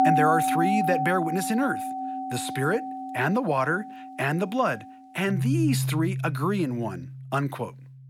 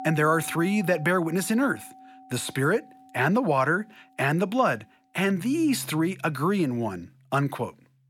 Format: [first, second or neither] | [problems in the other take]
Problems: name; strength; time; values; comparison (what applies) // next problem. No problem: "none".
second | background music; loud; throughout; 2 dB below the speech; faint in the second